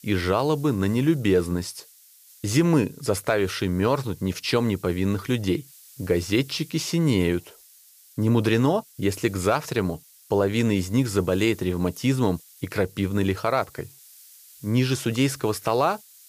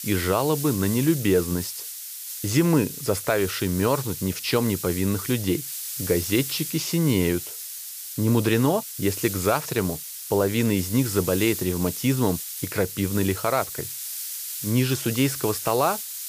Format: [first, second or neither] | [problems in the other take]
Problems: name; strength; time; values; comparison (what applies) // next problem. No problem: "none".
first | hiss; loud; throughout; 7 dB below the speech; faint in the first